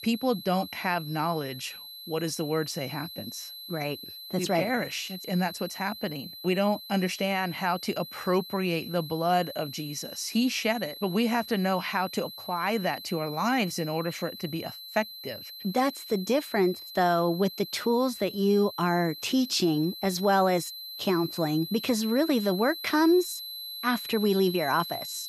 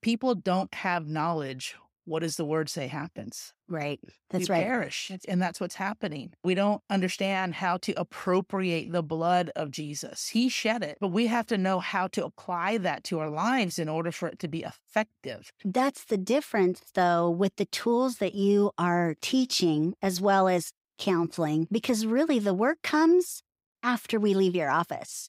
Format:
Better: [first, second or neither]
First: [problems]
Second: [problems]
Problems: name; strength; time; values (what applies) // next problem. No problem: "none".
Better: second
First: high-pitched whine; noticeable; throughout; 4 kHz, 10 dB below the speech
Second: none